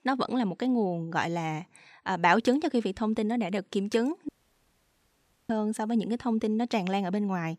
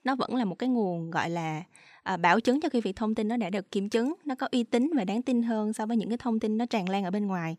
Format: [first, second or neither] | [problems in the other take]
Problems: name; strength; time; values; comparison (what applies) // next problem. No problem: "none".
second | audio cutting out; at 4.5 s for 1 s